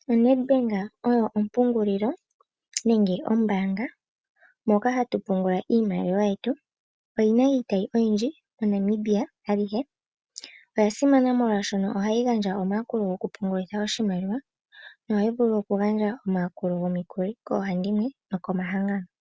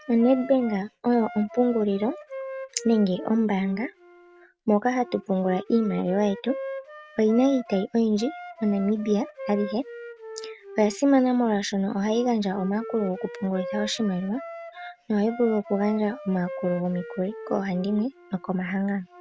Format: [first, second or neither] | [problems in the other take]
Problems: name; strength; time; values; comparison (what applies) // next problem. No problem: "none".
first | background sound (Wind instrument, woodwind instrument); 14 dB below the speech